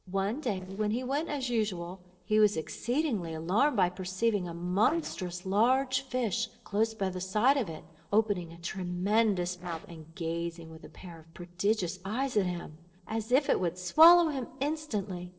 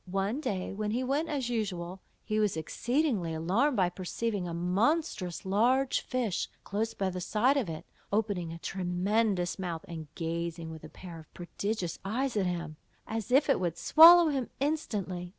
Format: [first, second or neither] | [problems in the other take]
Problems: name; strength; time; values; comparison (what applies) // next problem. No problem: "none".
second | noise reduction (neural separator model SepFormer DNS4)